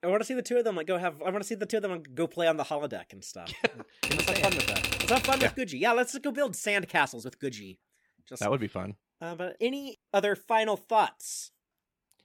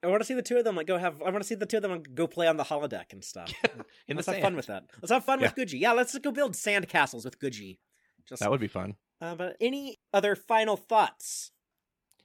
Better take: second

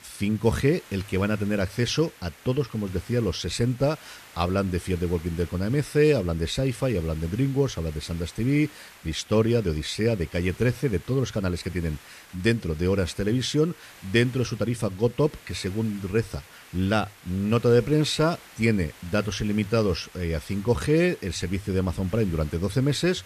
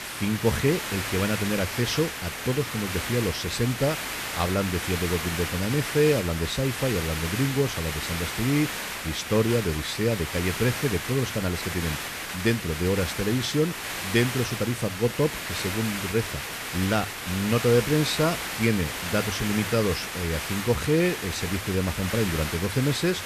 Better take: first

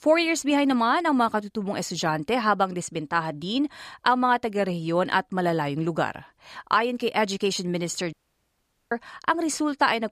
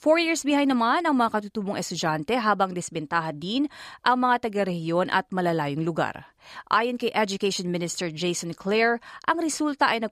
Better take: second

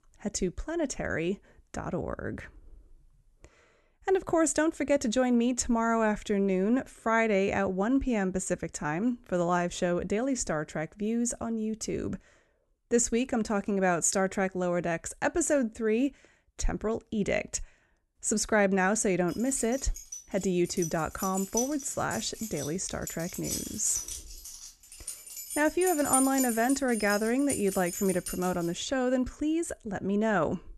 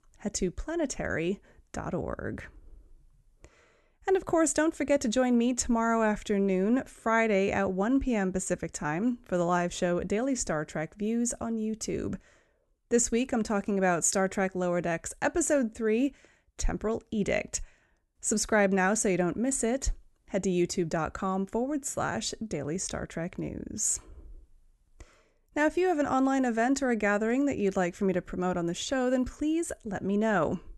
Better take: second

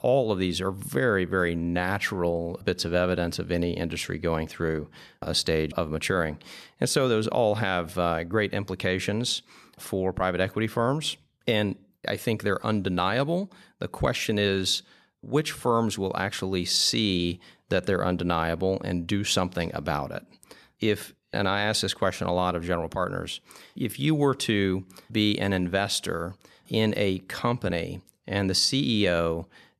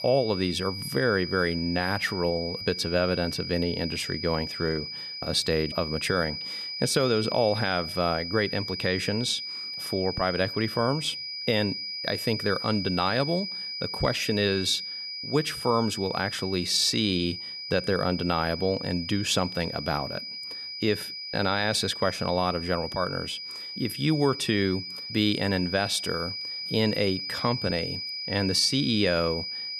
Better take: first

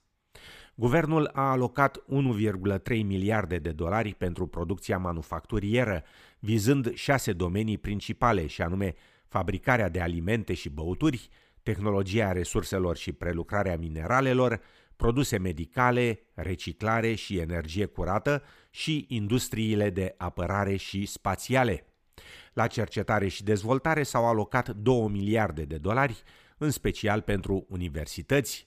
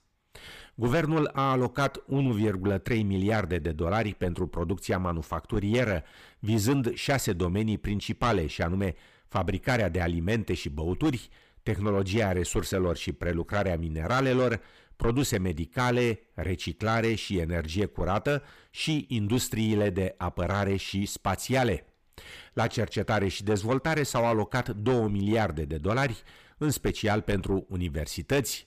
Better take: first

